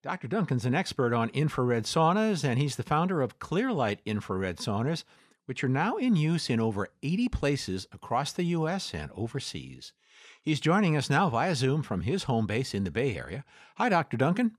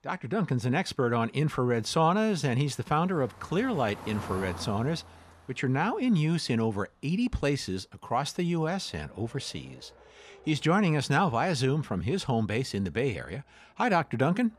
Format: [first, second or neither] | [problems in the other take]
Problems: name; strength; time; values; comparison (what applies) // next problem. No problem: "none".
first | traffic noise; noticeable; throughout; 20 dB below the speech